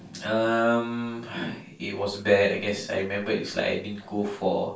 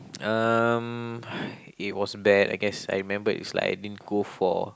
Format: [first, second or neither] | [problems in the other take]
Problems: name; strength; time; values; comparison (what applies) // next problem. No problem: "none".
second | room echo; dies away in 0.3 s